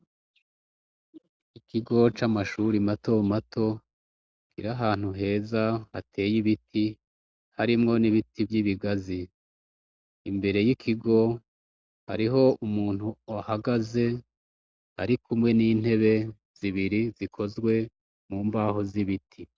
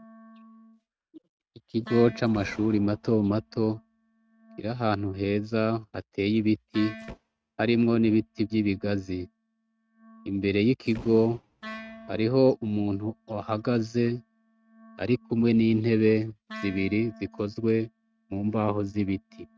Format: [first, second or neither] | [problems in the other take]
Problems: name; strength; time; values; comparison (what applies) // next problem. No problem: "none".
first | noise reduction (neural mask model RNNoise)